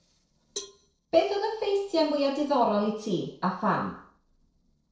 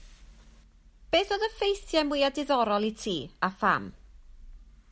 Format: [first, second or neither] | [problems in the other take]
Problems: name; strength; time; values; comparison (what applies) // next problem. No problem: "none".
second | noise reduction (neural separator model SepFormer DNS4)